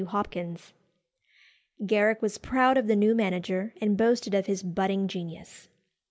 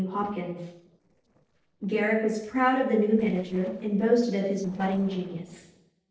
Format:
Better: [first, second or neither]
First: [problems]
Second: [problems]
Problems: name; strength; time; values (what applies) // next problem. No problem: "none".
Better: first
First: none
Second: noise reduction (neural separator model SepFormer DNS4)